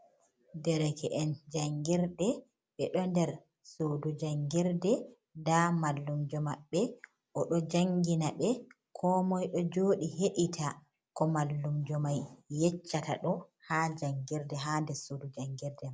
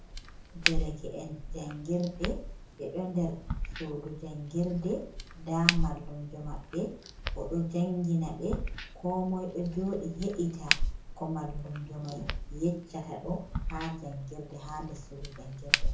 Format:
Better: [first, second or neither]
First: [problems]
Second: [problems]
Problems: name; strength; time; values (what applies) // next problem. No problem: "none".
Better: first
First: none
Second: background sound (Crack); 1 dB below the speech // room echo; dies away in 0.6 s